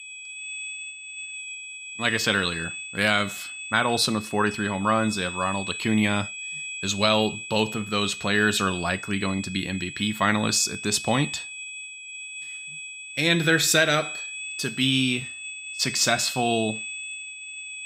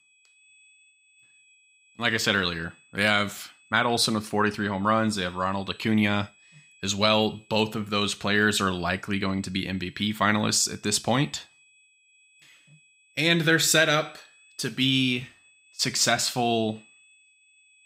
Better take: second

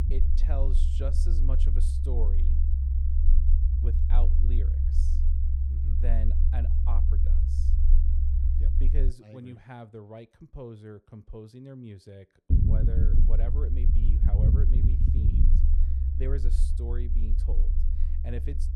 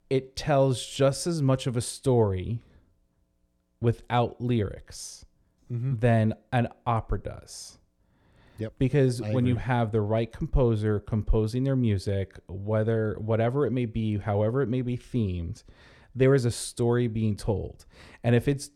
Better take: second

